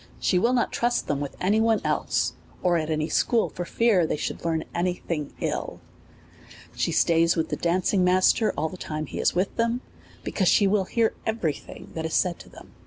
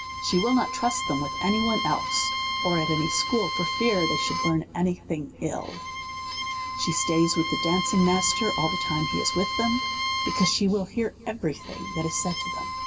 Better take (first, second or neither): first